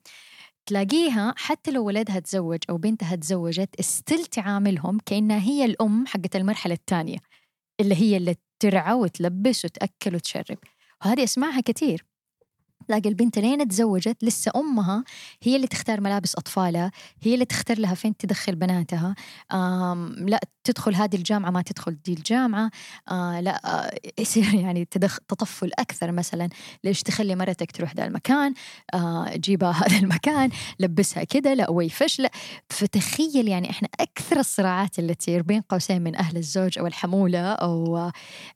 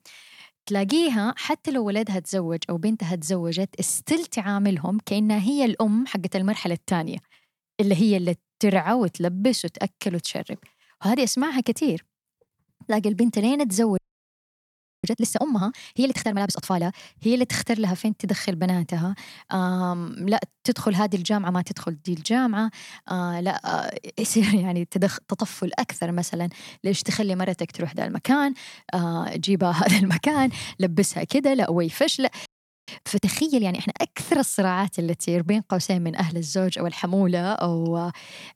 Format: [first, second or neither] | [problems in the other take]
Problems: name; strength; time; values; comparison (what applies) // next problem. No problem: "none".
first | audio freezing; at 14 s for 1 s and at 32 s